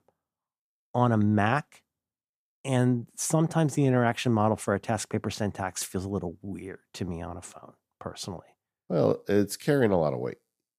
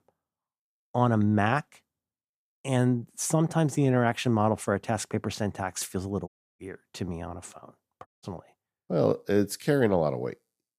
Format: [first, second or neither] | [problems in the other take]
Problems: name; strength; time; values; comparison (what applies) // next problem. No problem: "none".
first | audio cutting out; at 6.5 s and at 8 s